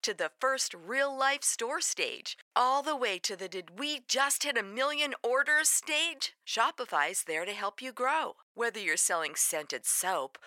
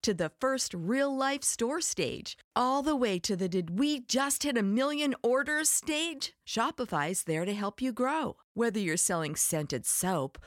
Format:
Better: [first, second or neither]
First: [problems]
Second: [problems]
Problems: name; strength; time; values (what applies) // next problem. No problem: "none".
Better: second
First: thin; very; fading below 650 Hz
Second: none